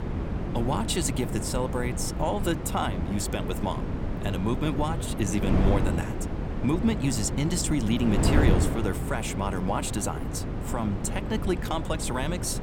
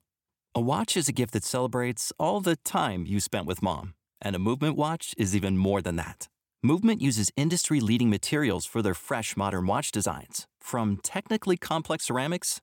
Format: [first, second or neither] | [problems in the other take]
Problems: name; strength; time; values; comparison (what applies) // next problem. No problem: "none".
second | wind noise on the microphone; heavy; 5 dB below the speech